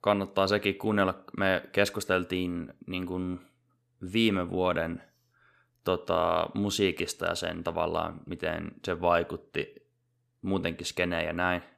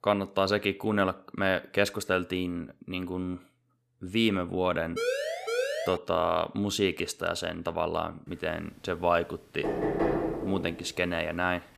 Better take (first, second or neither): first